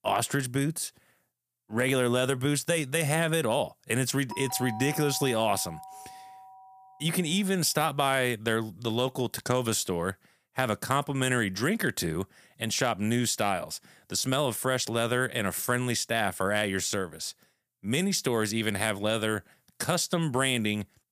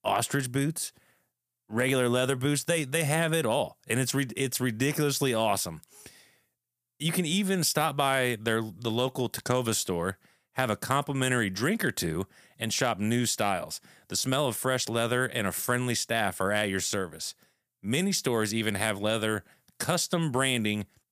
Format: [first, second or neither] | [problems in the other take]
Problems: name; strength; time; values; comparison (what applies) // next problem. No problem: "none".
second | doorbell; faint; from 4.5 to 7 s; peak 10 dB below the speech